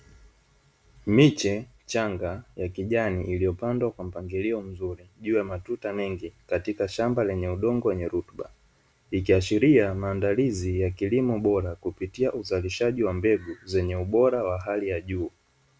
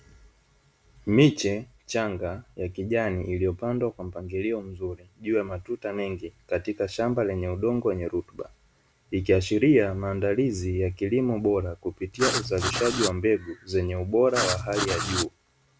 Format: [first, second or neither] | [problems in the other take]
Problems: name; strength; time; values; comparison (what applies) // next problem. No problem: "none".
first | background sound (Writing); 2 dB below the speech